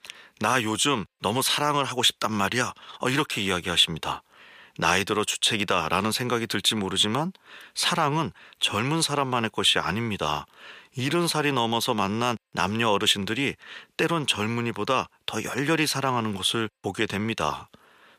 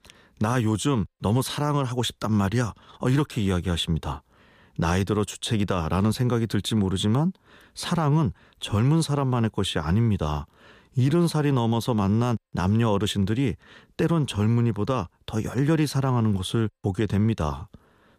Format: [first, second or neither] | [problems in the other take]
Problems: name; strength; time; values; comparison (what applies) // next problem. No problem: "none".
second | thin; somewhat; fading below 850 Hz